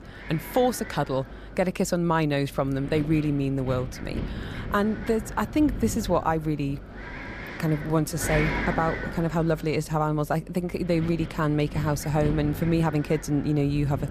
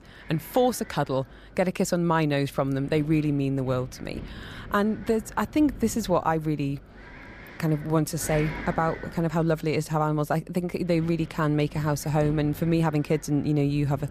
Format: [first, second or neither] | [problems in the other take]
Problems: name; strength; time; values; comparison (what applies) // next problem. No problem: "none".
second | wind noise on the microphone; heavy; 9 dB below the speech; occasional gusts in the second